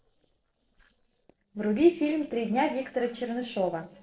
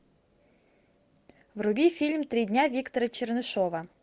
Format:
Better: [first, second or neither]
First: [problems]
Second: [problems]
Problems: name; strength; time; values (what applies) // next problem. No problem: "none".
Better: second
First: noise reduction (neural separator model SepFormer DNS4)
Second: none